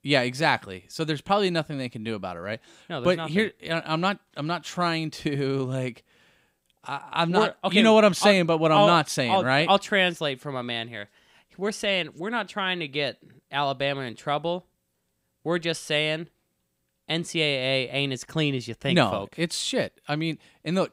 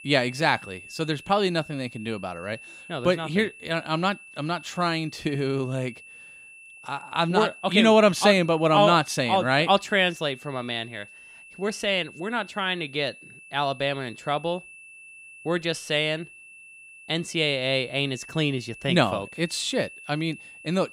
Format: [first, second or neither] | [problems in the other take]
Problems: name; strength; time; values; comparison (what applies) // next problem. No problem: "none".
first | high-pitched whine; noticeable; throughout; 2.5 kHz, 20 dB below the speech